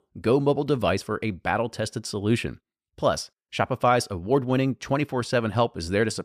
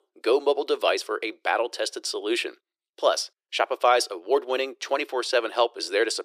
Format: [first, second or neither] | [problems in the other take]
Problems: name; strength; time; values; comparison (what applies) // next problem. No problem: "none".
first | thin; very; fading below 350 Hz